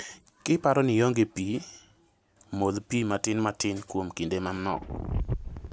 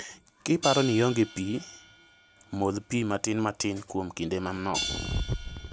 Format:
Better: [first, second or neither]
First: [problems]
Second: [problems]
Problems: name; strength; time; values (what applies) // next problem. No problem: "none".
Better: first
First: none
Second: background sound (Hi-hat); 11 dB below the speech